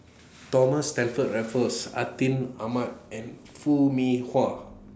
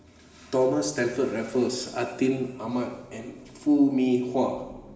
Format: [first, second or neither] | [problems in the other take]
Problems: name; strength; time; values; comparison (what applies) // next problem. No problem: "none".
first | room echo; dies away in 2.6 s